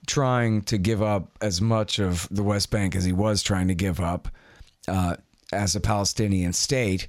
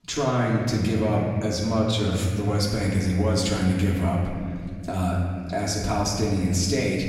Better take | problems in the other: first | off-mic speech; far // room echo; noticeable; dies away in 2.4 s

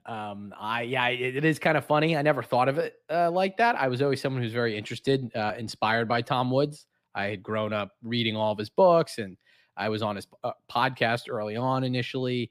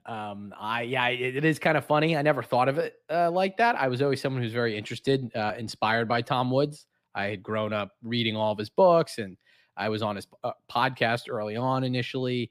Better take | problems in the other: neither | none

